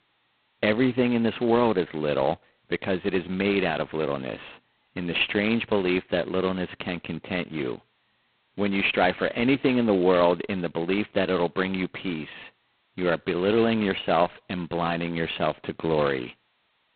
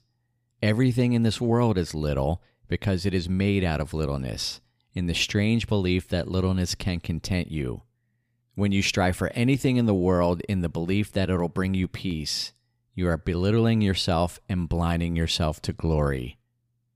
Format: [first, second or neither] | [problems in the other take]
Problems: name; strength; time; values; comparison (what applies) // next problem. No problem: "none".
second | phone-call audio; poor line; nothing above 4 kHz